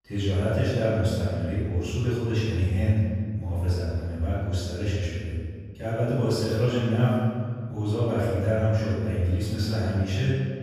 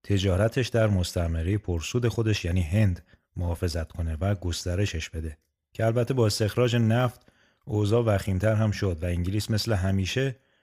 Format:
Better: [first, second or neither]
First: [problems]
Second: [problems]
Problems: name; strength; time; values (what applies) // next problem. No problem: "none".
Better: second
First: off-mic speech; far // room echo; strong; dies away in 1.9 s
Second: none